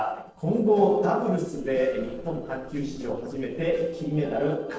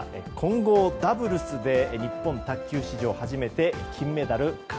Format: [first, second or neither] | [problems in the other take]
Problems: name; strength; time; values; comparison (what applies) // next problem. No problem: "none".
second | noise reduction (neural separator model SepFormer DNS4)